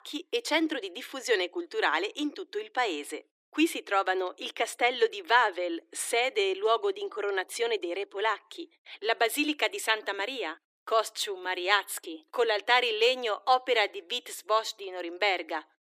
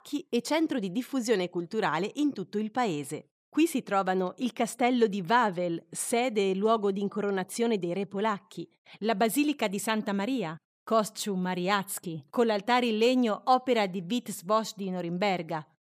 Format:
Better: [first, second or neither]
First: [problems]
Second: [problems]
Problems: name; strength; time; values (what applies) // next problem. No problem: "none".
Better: second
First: thin; somewhat; fading below 300 Hz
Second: none